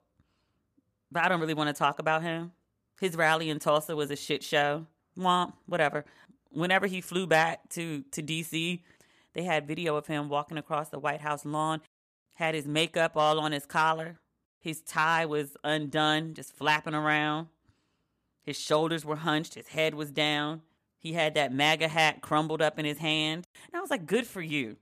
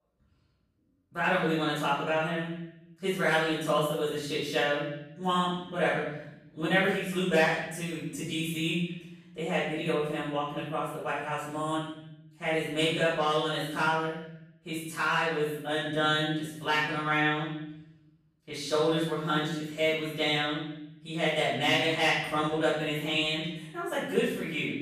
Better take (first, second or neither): first